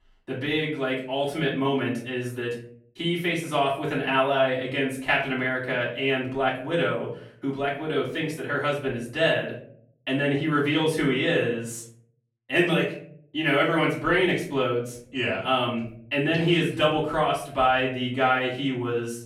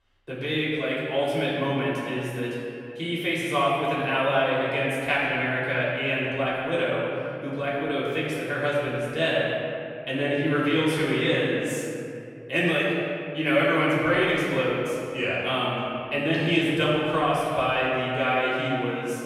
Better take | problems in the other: first | room echo; strong; dies away in 2.3 s; slight in the first // off-mic speech; far; far in the first

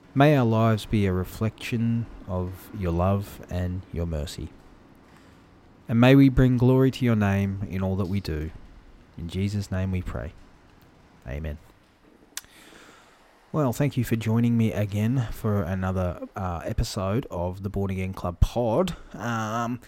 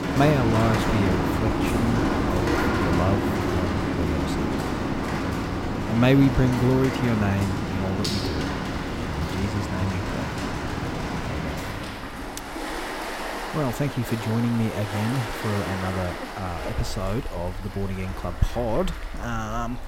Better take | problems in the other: first | rain or running water; loud; throughout; 1 dB below the speech; faint in the first

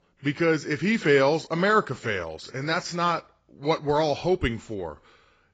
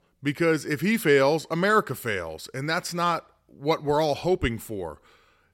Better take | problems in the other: second | garbled, watery; badly; nothing above 7.5 kHz

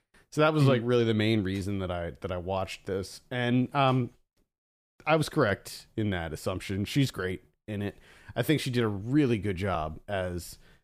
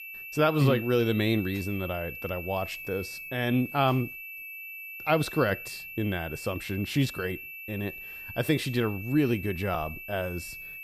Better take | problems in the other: first | high-pitched whine; loud; throughout; 2.5 kHz, 10 dB below the speech

